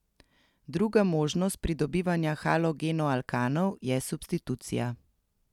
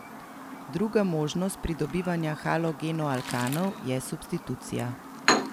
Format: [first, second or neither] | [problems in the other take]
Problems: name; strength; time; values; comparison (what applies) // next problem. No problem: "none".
first | background sound (Chirp, tweet); 5 dB below the speech